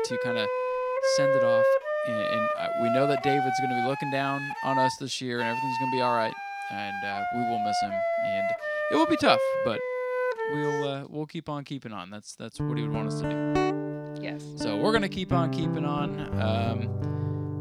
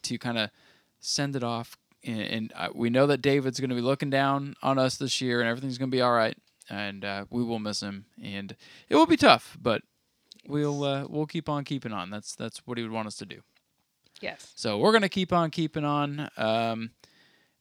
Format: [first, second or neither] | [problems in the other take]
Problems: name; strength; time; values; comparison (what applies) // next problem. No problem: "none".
second | background music; very loud; throughout; 2 dB above the speech